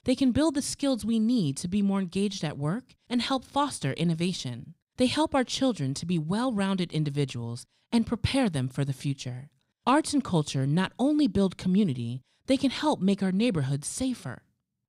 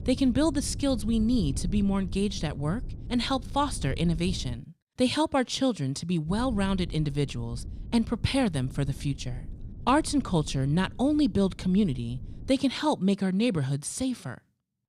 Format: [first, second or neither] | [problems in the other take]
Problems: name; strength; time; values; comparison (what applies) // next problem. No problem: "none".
first | wind noise on the microphone; occasional gusts; until 4.5 s and from 6.5 to 13 s; 20 dB below the speech